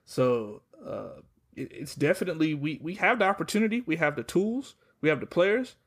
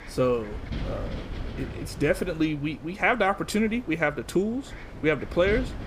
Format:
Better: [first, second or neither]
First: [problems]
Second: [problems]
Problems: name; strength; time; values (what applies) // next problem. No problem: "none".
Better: first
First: none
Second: wind noise on the microphone; occasional gusts; 15 dB below the speech